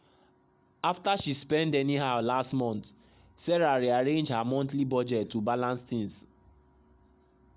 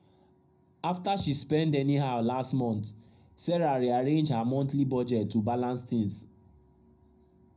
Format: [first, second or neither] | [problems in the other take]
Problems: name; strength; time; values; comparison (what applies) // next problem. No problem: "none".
first | room echo; dies away in 0.4 s